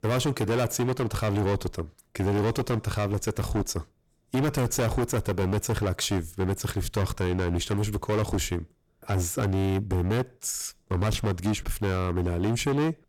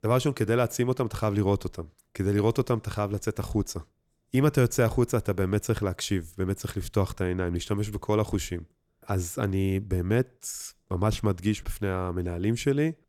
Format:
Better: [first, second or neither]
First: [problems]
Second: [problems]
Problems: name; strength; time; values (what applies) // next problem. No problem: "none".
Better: second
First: distortion; heavy; 21% of the sound clipped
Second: none